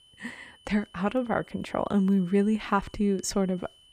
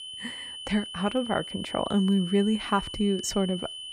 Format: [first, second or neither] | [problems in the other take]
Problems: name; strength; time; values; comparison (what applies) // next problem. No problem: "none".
first | high-pitched whine; loud; throughout; 3 kHz, 9 dB below the speech; faint in the first